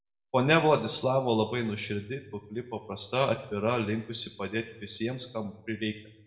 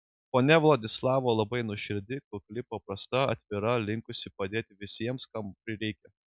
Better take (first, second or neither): second